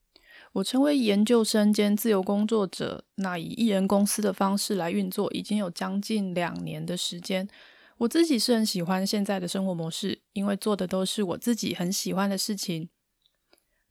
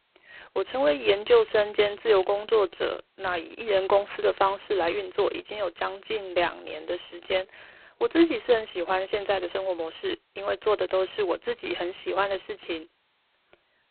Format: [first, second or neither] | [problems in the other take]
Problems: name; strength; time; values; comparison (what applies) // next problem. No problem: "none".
first | phone-call audio; poor line; nothing above 4 kHz